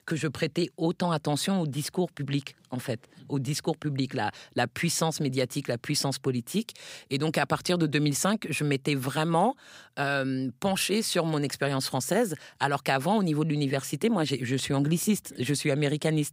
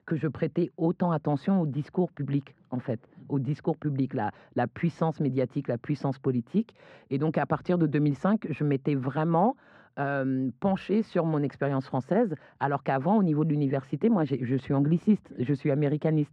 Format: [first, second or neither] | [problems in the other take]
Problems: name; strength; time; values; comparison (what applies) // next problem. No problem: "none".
first | muffled; very; fading above 1.5 kHz